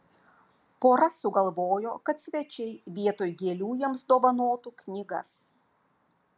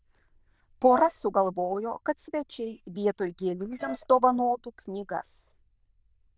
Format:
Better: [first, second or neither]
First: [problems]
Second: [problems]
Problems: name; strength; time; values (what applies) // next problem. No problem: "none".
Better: first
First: none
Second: noise reduction (neural diffusion model UNIVERSE++)